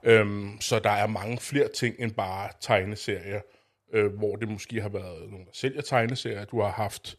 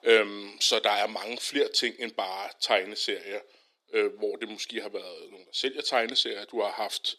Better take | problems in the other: first | thin; somewhat; fading below 250 Hz

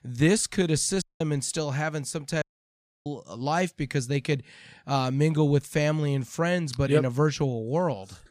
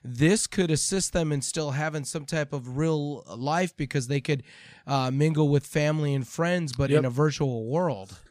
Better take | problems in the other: second | audio cutting out; at 1 s and at 2.5 s for 0.5 s

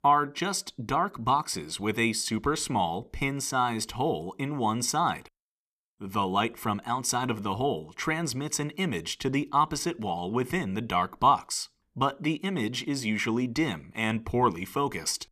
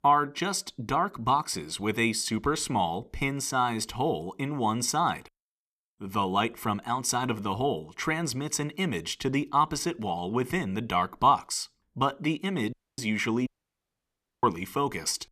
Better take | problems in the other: first | audio cutting out; at 13 s for 1 s

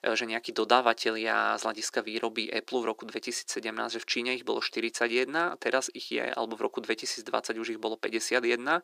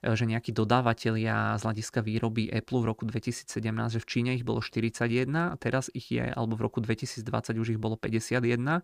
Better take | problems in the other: second | thin; very; fading below 350 Hz

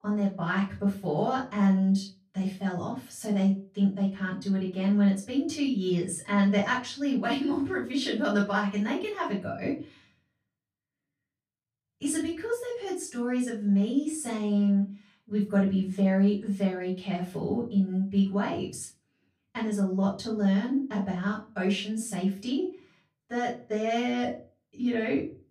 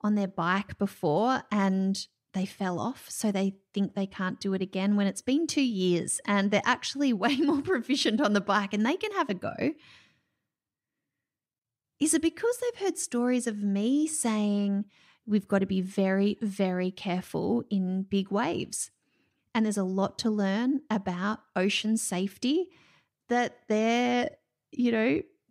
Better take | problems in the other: second | off-mic speech; far // room echo; slight; dies away in 0.3 s

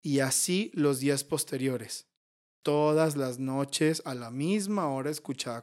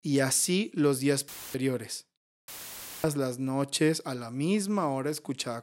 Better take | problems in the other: first | audio cutting out; filled with static; at 1.5 s and at 2.5 s for 0.5 s

